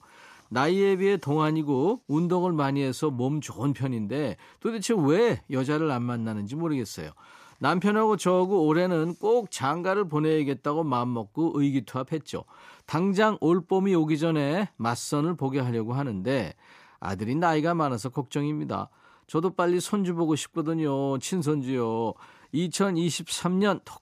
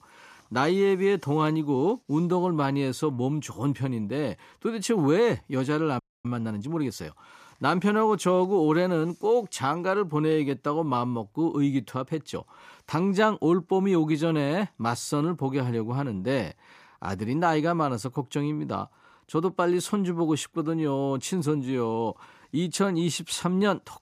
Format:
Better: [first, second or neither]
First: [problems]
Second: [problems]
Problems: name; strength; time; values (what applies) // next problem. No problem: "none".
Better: first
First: none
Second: audio freezing; at 6 s